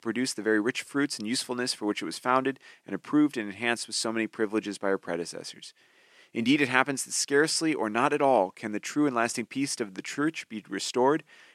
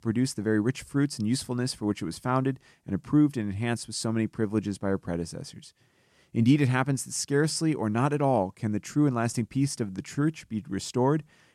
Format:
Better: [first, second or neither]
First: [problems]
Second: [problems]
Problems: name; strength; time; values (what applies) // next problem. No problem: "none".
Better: second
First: thin; somewhat; fading below 350 Hz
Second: none